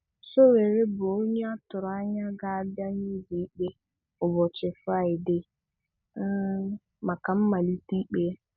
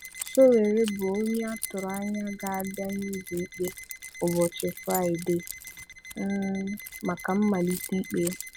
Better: first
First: none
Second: background sound (Alarm + Keys jangling); 13 dB below the speech

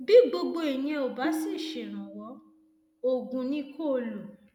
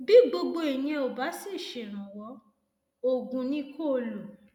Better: second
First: background sound (Tabla); 9 dB below the speech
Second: none

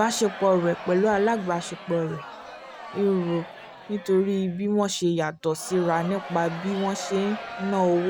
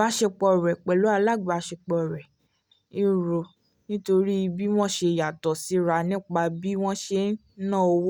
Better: second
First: background sound (Crowd); 14 dB below the speech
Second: none

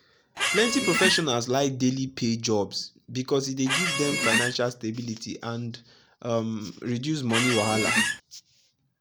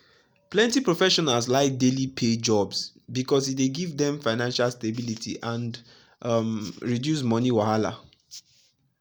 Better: second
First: background sound (Squeak); 2 dB above the speech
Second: none

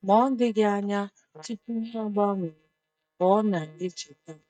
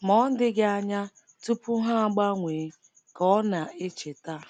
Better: second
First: noise reduction (neural mask model DeepFilterNet 3)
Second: none

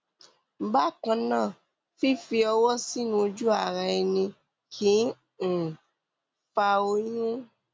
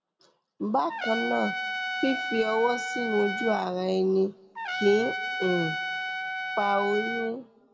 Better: first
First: none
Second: background sound (Trumpet); 4 dB below the speech // room echo; dies away in 1.2 s

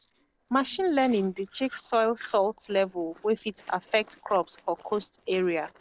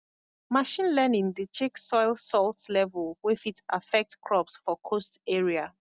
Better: second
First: noise reduction (neural separator model SepFormer DNS4)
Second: none

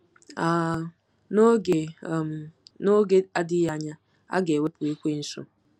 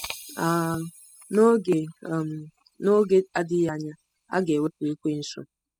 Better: first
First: none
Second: noise reduction (classical method spectral subtraction)

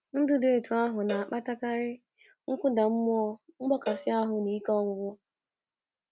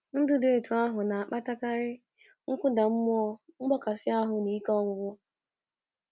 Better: second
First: background sound (Cowbell); 16 dB below the speech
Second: none

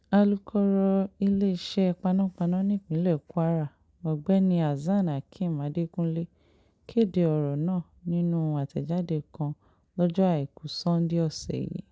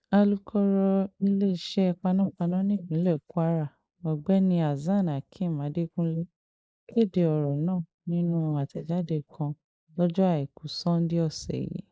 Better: first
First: none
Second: noise reduction (neural mask model Resemble Enhance denoiser)

